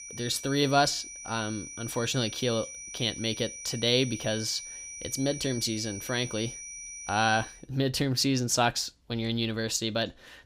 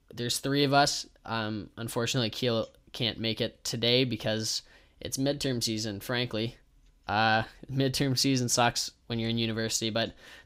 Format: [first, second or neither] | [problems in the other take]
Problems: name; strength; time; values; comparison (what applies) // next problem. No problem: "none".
second | high-pitched whine; noticeable; until 7.5 s; 6 kHz, 10 dB below the speech